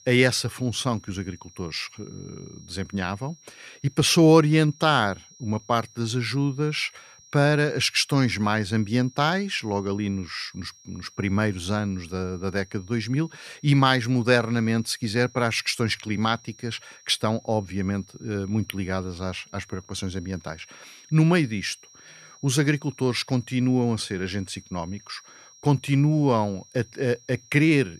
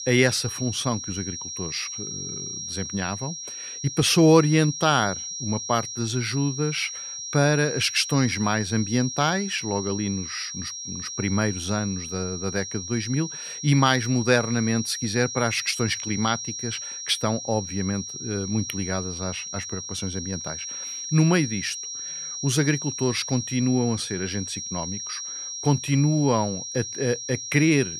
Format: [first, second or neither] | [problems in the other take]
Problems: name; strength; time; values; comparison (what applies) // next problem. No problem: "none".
first | high-pitched whine; loud; throughout; 5.5 kHz, 7 dB below the speech; faint in the first